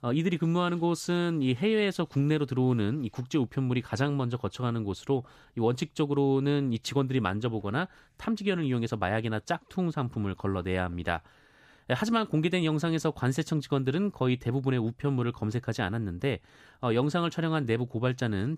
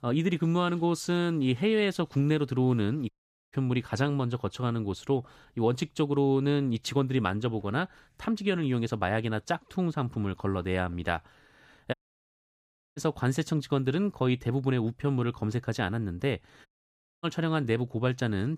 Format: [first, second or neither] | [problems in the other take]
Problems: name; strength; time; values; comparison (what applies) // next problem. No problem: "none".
first | audio cutting out; at 3 s, at 12 s for 1 s and at 17 s for 0.5 s